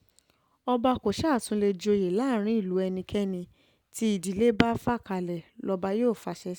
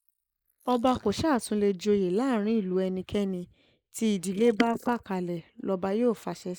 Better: first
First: none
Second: noise reduction (neural mask model Resemble Enhance denoiser)

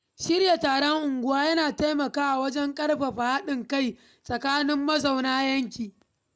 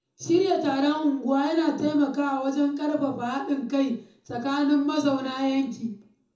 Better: first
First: none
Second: room echo; dies away in 0.6 s

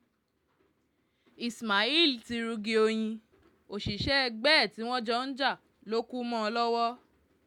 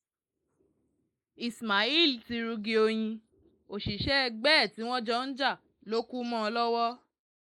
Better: first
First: none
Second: noise reduction (neural mask model Resemble Enhance denoiser)

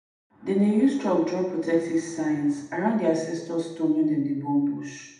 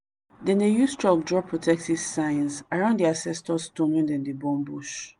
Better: second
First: room echo; dies away in 0.8 s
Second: none

